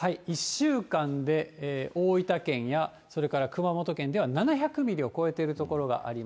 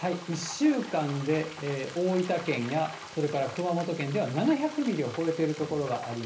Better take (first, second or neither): first